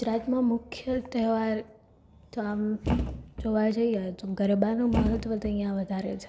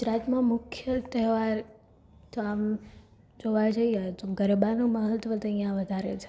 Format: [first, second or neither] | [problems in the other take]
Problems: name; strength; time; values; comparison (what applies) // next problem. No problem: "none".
second | background sound (Thump, thud); 4 dB below the speech